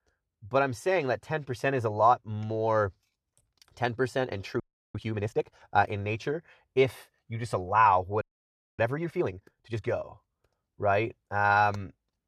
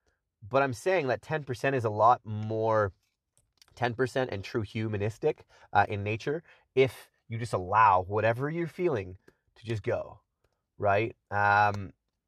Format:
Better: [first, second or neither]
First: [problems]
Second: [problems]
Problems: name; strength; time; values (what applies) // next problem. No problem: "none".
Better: second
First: audio freezing; at 4.5 s and at 8 s for 0.5 s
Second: none